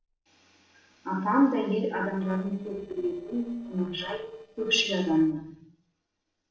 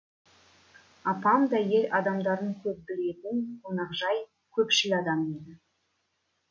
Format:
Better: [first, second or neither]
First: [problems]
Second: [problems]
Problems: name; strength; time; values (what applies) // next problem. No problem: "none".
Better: second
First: noise reduction (neural separator model SepFormer DNS4)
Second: none